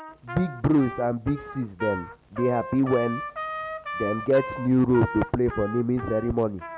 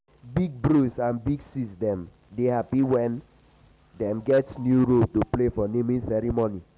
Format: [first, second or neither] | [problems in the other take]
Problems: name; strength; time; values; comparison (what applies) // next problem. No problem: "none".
second | background sound (Trumpet); 11 dB below the speech